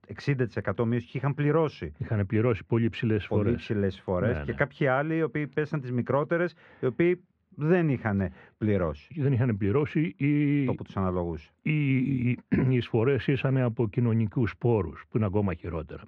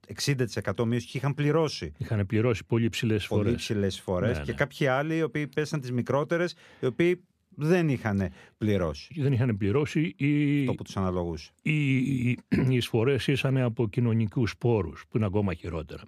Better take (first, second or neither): second